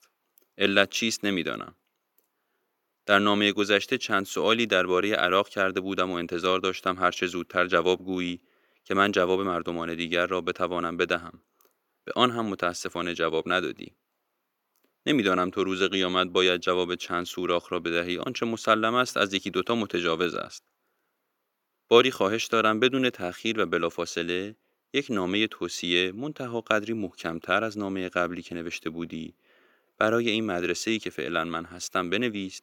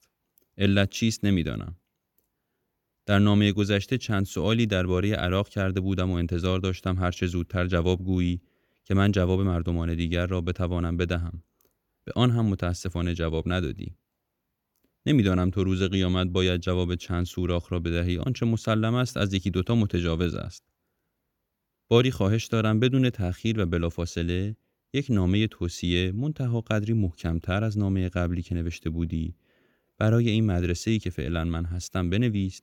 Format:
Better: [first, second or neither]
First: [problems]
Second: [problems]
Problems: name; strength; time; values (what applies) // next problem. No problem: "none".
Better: second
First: thin; somewhat; fading below 400 Hz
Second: none